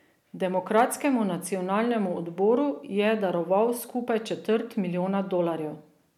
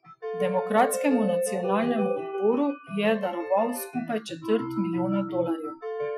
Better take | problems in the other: first | noise reduction (classical method Wiener filter)

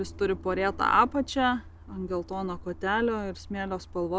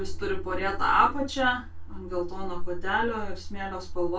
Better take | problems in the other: first | room echo; dies away in 0.2 s

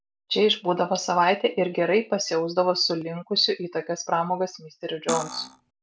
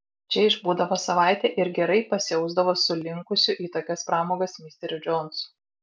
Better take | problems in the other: second | background sound (Cutlery, silverware); 8 dB below the speech

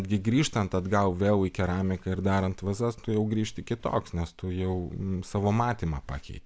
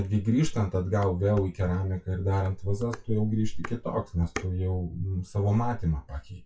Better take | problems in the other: first | noise reduction (classical method WPE with log-MMSE)

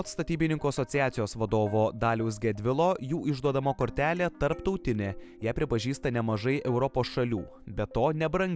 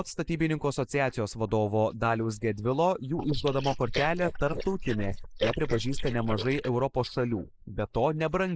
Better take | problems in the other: first | noise reduction (neural mask model Resemble Enhance denoiser)

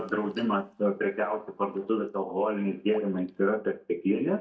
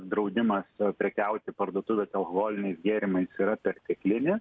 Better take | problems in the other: second | noise reduction (neural mask model DeepFilterNet 3)

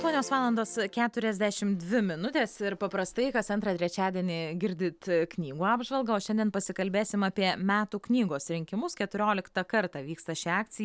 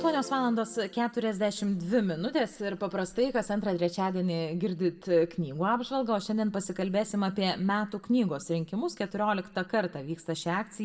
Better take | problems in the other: first | room echo; dies away in 0.4 s

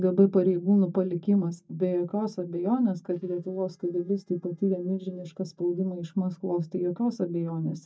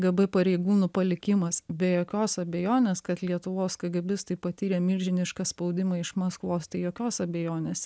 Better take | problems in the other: second | noise reduction (neural mask model DeepFilterNet 3)

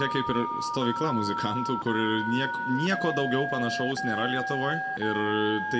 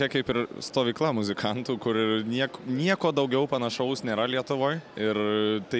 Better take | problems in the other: second | background sound (Telephone); 3 dB below the speech // room echo; dies away in 0.9 s

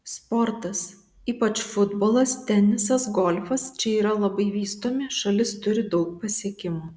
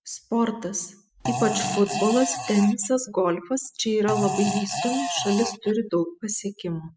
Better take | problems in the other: first | noise reduction (classical method spectral subtraction)

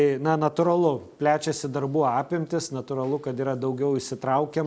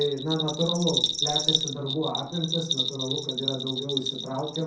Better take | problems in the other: first | background sound (Bell); as loud as the speech // room echo; dies away in 0.6 s

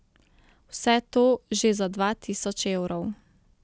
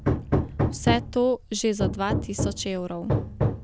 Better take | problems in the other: first | background sound (Hammer); 1 dB above the speech

